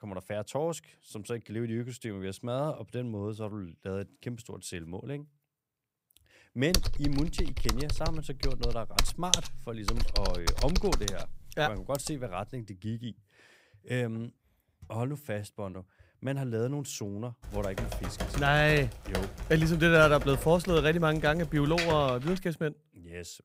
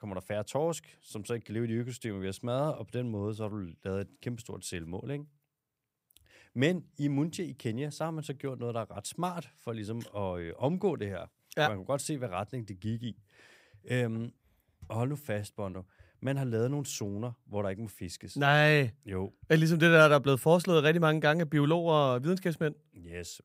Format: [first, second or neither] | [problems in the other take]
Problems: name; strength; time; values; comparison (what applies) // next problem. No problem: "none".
second | keyboard typing; loud; from 6.5 to 12 s; peak 5 dB above the speech // keyboard typing; noticeable; from 17 to 22 s; peak 1 dB below the speech